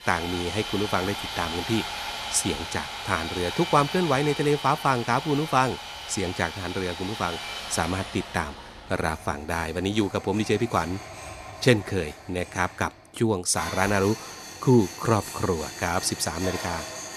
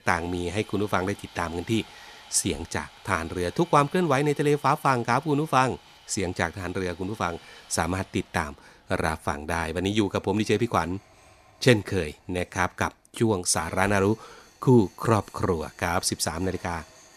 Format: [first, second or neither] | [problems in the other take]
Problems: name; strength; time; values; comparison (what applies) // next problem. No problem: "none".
second | machinery noise; loud; throughout; 8 dB below the speech; faint in the second